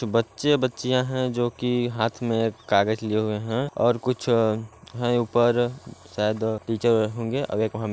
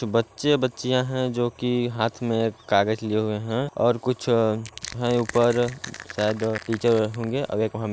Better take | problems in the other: first | background sound (Crushing); 16 dB below the speech

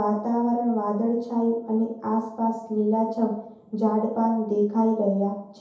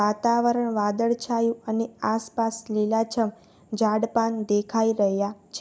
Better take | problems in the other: second | room echo; dies away in 0.8 s

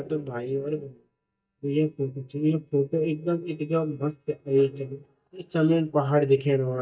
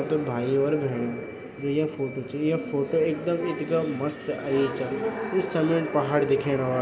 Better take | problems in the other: second | noise reduction (neural mask model DeepFilterNet 3)

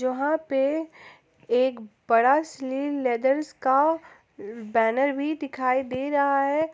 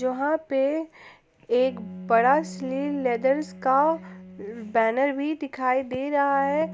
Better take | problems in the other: first | background sound (Bowed string instrument); 18 dB below the speech

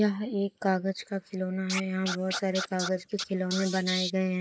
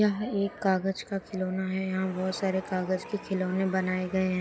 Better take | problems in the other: second | noise reduction (neural mask model Resemble Enhance denoiser)

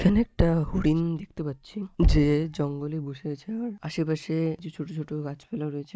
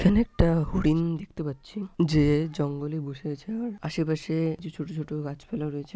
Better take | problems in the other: second | noise reduction (neural mask model DeepFilterNet 3)

